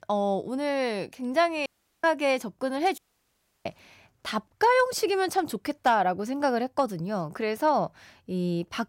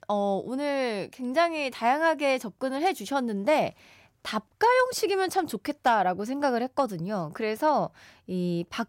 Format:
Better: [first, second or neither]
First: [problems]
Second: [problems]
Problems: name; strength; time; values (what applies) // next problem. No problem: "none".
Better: second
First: audio cutting out; at 1.5 s and at 3 s for 0.5 s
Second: none